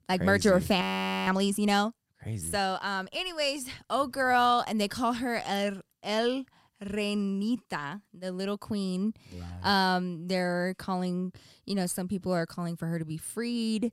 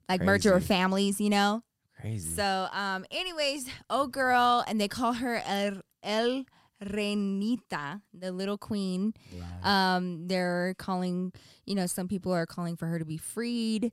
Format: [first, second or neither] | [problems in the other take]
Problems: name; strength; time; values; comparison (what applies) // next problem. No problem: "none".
second | audio freezing; at 1 s